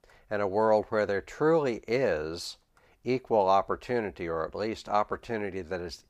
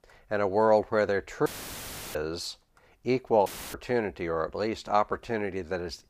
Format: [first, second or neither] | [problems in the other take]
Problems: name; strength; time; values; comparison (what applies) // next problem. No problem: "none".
first | audio cutting out; filled with static; at 1.5 s for 0.5 s and at 3.5 s